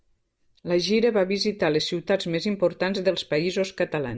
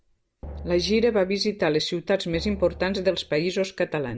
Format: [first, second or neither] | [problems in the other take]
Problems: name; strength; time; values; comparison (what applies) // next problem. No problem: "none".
first | background sound (Drum); 17 dB below the speech